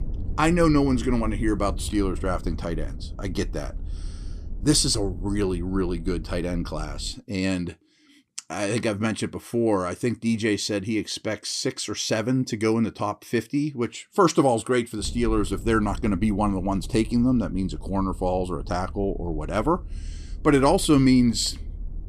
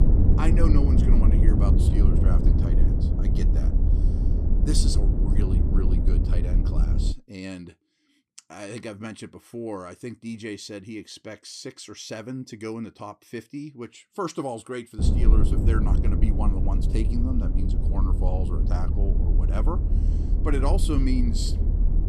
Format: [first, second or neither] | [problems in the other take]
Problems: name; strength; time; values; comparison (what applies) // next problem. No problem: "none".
first | low rumble; loud; until 7 s and from 15 s on; 2 dB below the speech; faint in the first